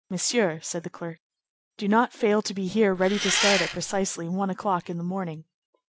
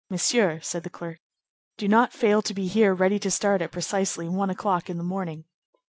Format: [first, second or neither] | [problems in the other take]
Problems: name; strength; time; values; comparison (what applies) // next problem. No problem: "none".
second | background sound (Engine); 1 dB below the speech